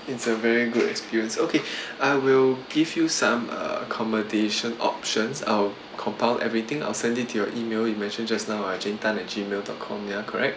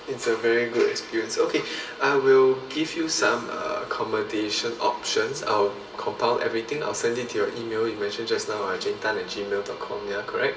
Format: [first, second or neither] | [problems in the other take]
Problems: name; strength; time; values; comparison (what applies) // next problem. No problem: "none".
first | room echo; dies away in 2.8 s